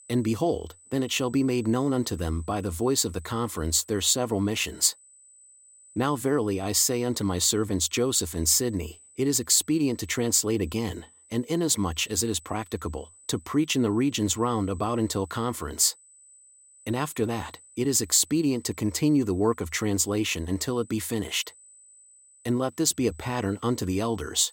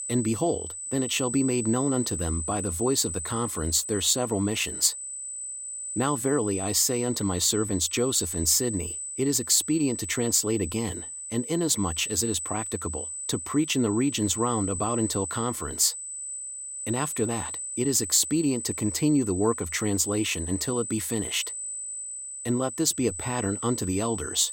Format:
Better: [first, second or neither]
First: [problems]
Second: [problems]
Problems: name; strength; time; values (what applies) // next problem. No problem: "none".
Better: first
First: high-pitched whine; faint; throughout; 8 kHz, 25 dB below the speech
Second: high-pitched whine; loud; throughout; 8 kHz, 6 dB below the speech